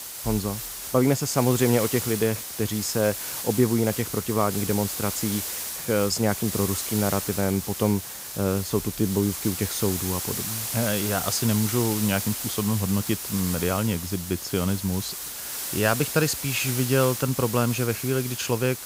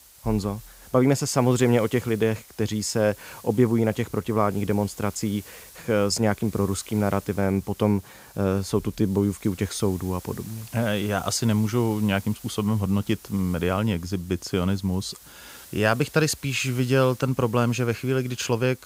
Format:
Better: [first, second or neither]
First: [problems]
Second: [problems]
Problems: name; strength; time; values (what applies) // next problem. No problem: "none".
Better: second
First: hiss; loud; throughout; 4 dB below the speech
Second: hiss; faint; throughout; 20 dB below the speech